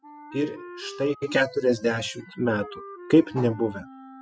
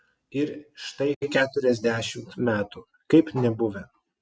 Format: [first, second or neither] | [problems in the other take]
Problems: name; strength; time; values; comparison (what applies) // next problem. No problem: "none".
second | noise reduction (classical method spectral subtraction)